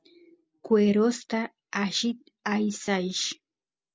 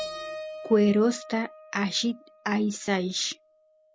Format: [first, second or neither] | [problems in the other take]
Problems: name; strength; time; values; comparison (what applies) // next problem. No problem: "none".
first | background sound (Keyboard (musical)); 15 dB below the speech